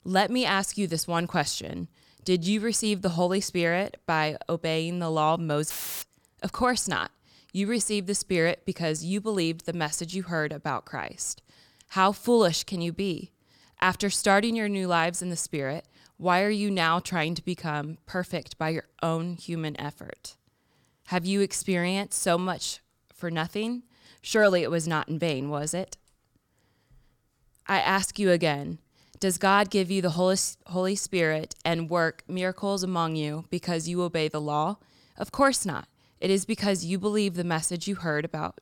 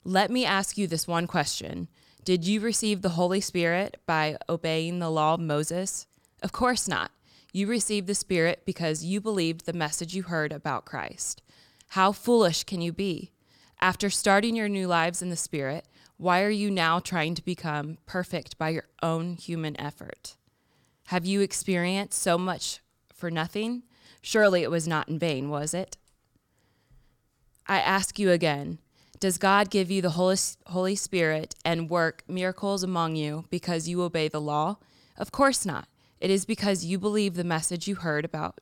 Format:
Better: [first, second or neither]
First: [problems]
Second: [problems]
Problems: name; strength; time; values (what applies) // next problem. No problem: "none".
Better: second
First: audio cutting out; filled with static; at 5.5 s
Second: none